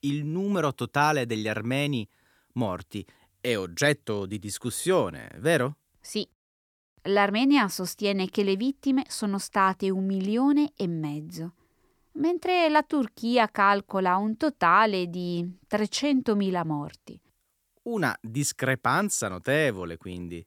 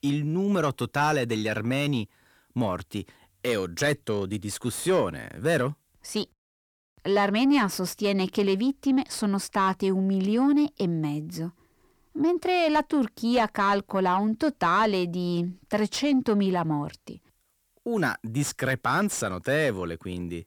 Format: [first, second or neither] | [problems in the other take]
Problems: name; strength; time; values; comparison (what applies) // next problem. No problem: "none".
first | distortion; slight; 10 dB below the speech